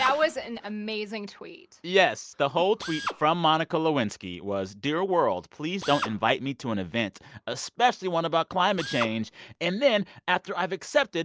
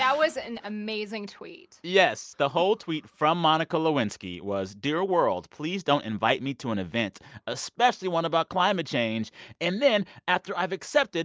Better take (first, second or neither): second